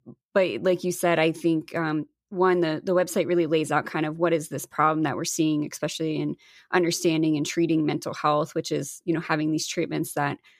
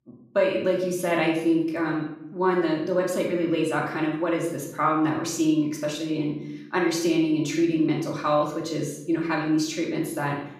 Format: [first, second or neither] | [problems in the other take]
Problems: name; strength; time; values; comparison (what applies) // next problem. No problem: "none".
first | off-mic speech; far // room echo; noticeable; dies away in 0.6 s